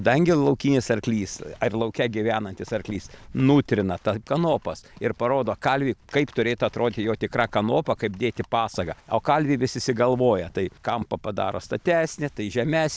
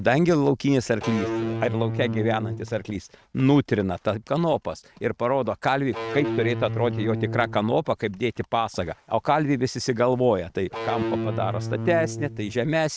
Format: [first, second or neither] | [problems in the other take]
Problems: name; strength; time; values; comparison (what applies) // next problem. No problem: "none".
first | noise reduction (neural mask model RNNoise)